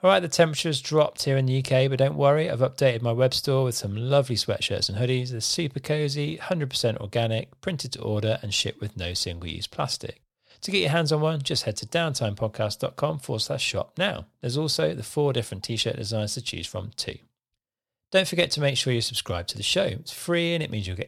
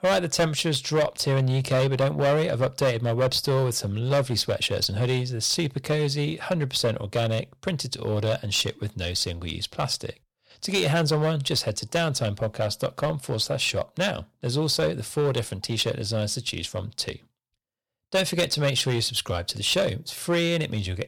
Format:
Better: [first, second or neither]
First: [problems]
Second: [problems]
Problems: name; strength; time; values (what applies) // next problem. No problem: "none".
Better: first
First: none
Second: distortion; slight; 6% of the sound clipped